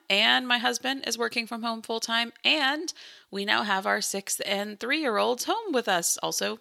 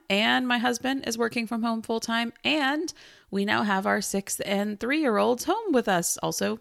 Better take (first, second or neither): second